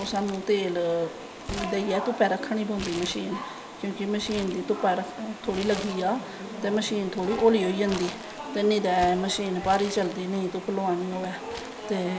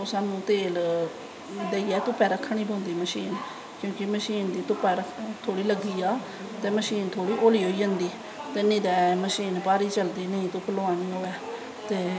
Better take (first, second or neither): second